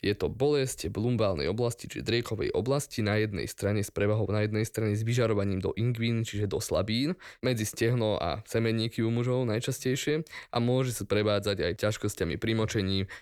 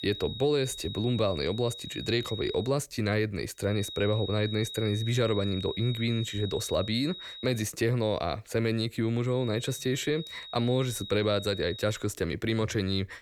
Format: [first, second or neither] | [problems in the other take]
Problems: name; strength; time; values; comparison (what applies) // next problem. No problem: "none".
first | high-pitched whine; loud; until 2.5 s, from 3.5 to 7.5 s and from 9.5 to 12 s; 4 kHz, 10 dB below the speech